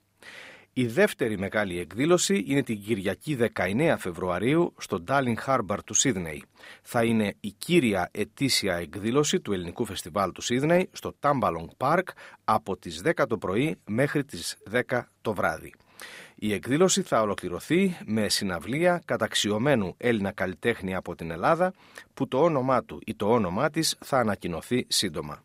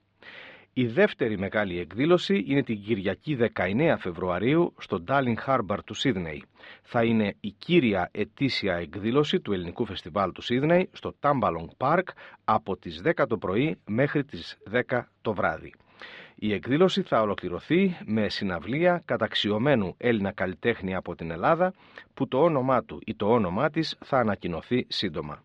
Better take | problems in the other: first | muffled; slightly; fading above 3.5 kHz

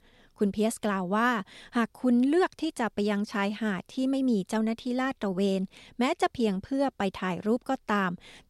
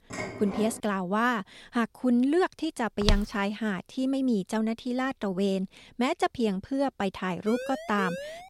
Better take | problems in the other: first | clattering dishes; noticeable; at the start; peak 8 dB below the speech // footsteps; noticeable; at 3 s; peak 1 dB below the speech // siren; noticeable; from 7.5 s on; peak 8 dB below the speech

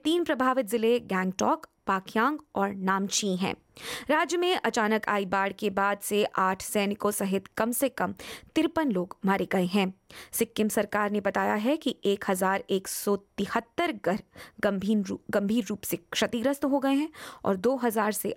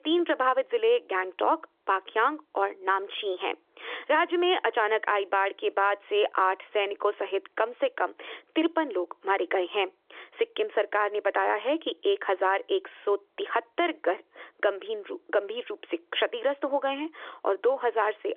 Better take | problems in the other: first | phone-call audio; nothing above 3.5 kHz

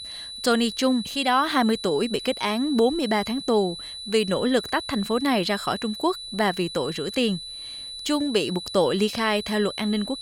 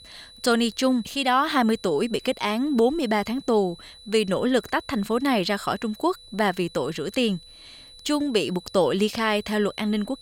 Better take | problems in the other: second | high-pitched whine; loud; throughout; 4 kHz, 10 dB below the speech; faint in the second

